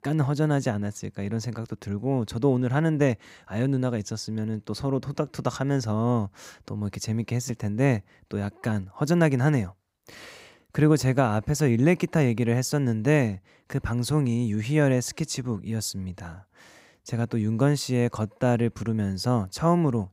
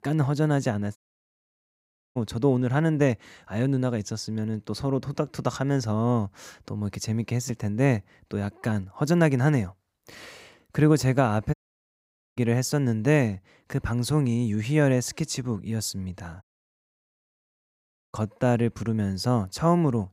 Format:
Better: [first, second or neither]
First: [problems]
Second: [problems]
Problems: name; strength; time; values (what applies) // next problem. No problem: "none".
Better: first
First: none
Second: audio cutting out; at 1 s for 1 s, at 12 s for 1 s and at 16 s for 1.5 s